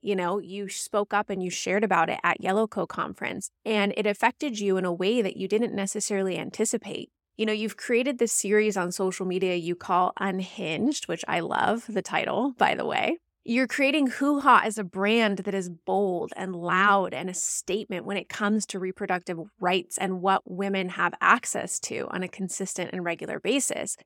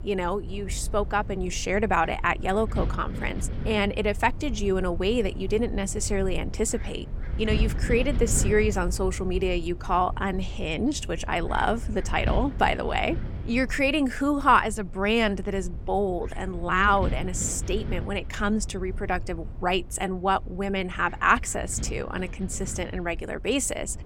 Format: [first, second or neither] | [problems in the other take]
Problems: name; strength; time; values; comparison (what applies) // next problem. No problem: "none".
first | wind noise on the microphone; occasional gusts; 20 dB below the speech